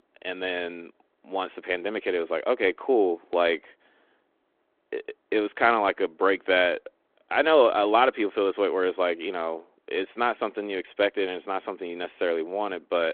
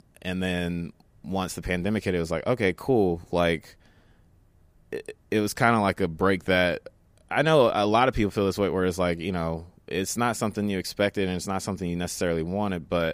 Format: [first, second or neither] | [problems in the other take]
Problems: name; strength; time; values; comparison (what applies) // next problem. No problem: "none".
second | phone-call audio